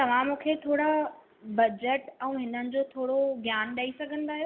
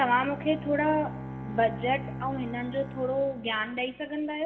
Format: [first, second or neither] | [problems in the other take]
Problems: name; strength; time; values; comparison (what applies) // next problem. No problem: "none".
first | background sound (Bowed string instrument); 10 dB below the speech // room echo; dies away in 2.4 s